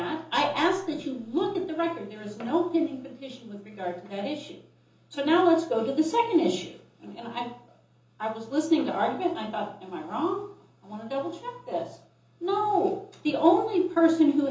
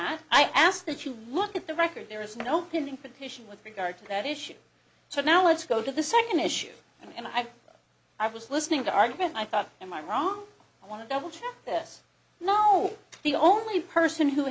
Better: second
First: room echo; dies away in 0.6 s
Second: none

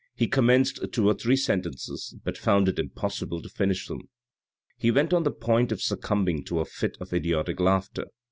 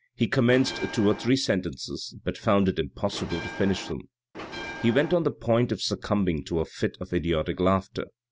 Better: first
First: none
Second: background sound (Bell); 11 dB below the speech

